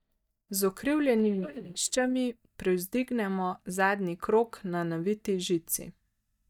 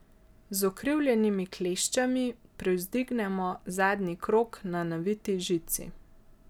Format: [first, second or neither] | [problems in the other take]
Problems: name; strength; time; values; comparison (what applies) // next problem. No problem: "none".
second | noise reduction (neural mask model DeepFilterNet 3)